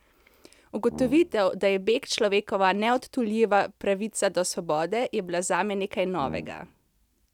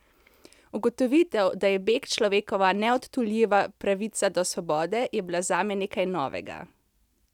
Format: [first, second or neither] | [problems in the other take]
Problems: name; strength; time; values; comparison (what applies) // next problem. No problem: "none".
second | background sound (Brass instrument); 14 dB below the speech